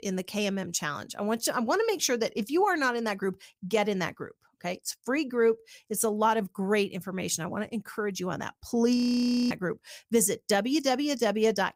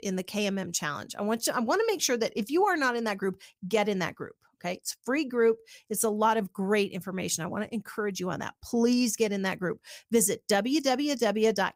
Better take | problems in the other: second | audio freezing; at 9 s for 0.5 s

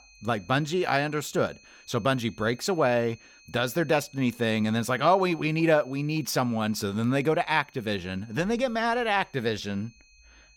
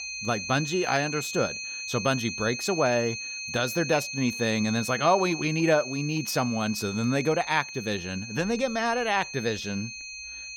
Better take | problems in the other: first | high-pitched whine; loud; throughout; 2.5 kHz, 7 dB below the speech; faint in the first

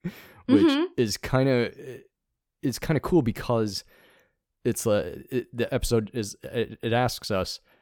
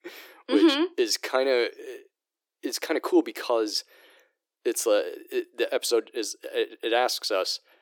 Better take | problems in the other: first | thin; somewhat; fading below 300 Hz

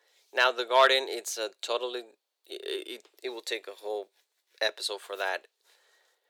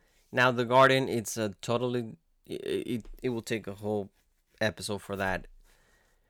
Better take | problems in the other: second | thin; very; fading below 400 Hz

